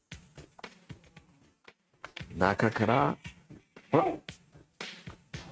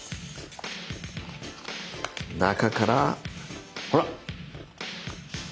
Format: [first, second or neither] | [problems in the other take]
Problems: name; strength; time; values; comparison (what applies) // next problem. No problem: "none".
second | noise reduction (neural mask model RNNoise)